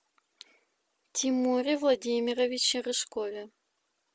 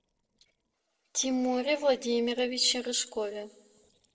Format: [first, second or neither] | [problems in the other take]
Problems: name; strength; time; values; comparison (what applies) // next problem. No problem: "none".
first | noise reduction (neural separator model SepFormer DNS4)